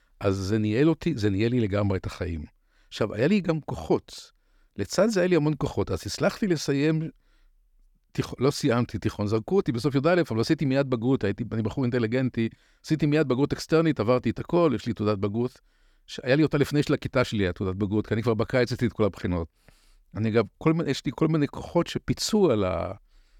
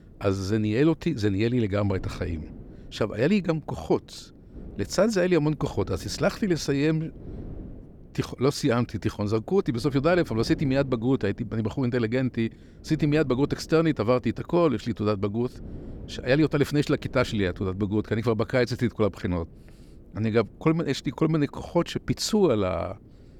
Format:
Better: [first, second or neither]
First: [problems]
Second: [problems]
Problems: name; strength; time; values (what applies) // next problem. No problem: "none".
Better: first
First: none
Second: wind noise on the microphone; occasional gusts; 25 dB below the speech